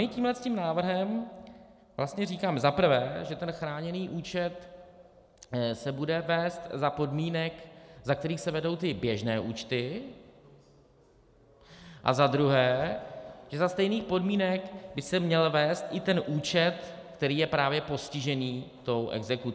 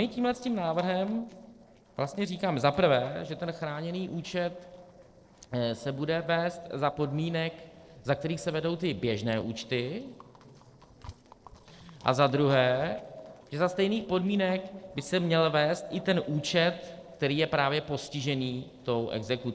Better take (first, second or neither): first